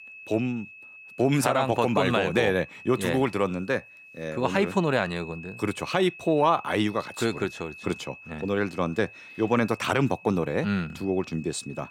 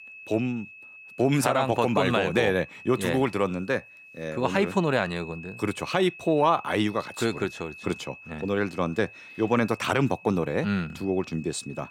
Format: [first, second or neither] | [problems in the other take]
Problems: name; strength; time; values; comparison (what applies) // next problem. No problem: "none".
neither | high-pitched whine; noticeable; throughout; 2.5 kHz, 15 dB below the speech; the same in both